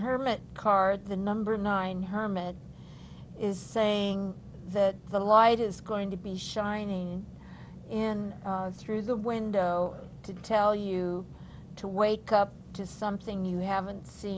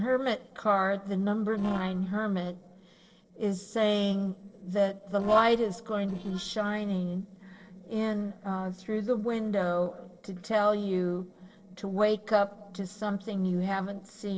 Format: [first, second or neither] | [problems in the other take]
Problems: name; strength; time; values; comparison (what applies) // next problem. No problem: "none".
first | noise reduction (neural separator model SepFormer DNS4)